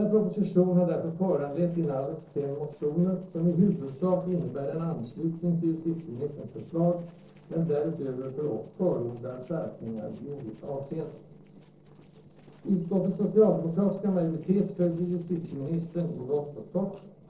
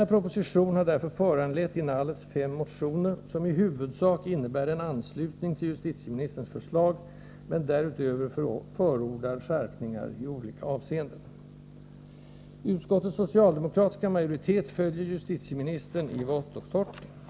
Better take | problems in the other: second | noise reduction (neural separator model SepFormer DNS4)

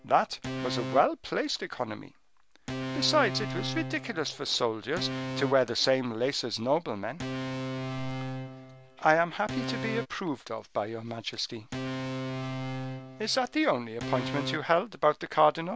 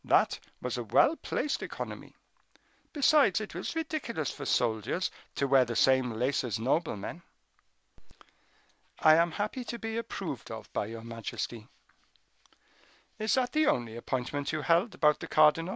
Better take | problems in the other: second | background sound (Organ); 7 dB below the speech

